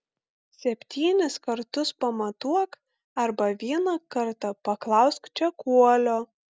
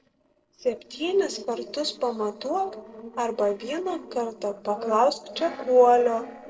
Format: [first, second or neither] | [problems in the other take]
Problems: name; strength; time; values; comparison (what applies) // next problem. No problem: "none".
first | noise reduction (neural separator model SepFormer DNS4)